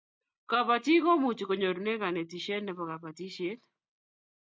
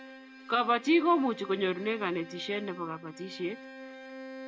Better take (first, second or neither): first